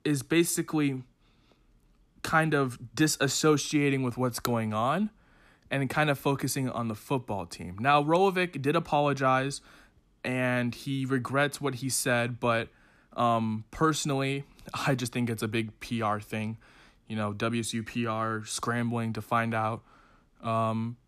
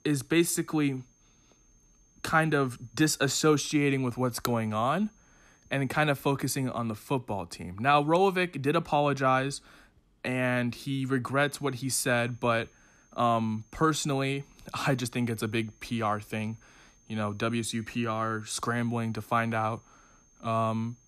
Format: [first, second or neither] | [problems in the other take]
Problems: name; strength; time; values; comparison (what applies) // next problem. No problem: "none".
first | high-pitched whine; faint; until 6 s and from 11 s on; 6.5 kHz, 35 dB below the speech